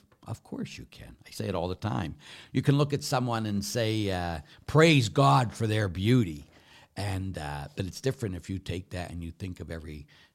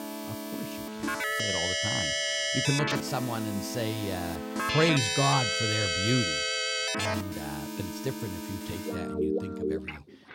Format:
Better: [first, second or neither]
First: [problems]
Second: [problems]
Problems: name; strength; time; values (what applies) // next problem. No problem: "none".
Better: first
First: none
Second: background music; very loud; throughout; 3 dB above the speech